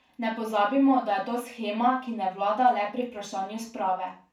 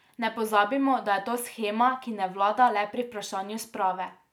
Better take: second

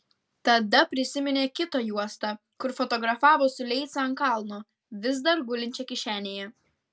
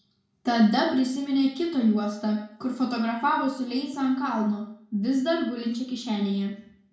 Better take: first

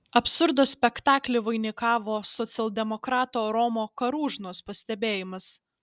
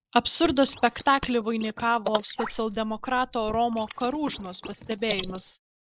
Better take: first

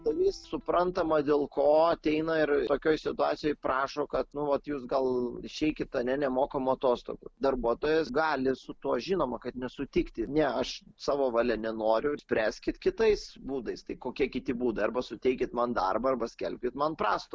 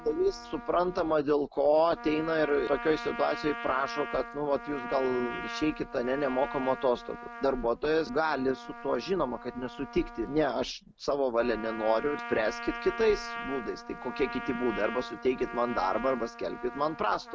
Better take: first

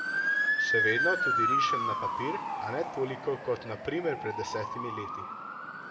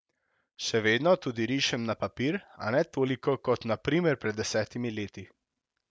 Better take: second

